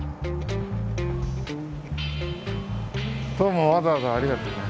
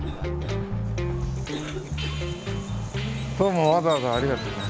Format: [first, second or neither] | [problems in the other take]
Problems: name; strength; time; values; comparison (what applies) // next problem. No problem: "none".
first | background sound (Cough + Bird vocalization, bird call, bird song); 15 dB below the speech